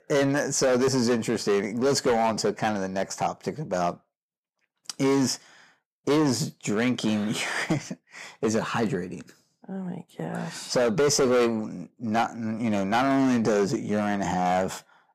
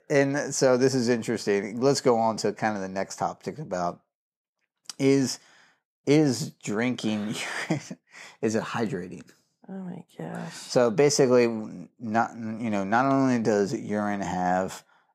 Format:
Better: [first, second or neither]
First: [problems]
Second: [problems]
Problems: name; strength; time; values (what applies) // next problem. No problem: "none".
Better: second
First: distortion; heavy; 8% of the sound clipped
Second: none